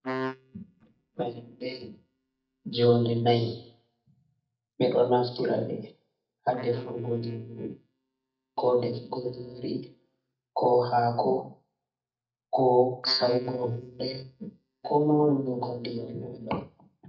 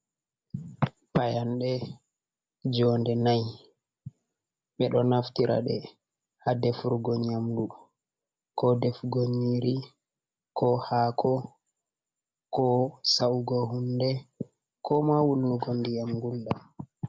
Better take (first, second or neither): second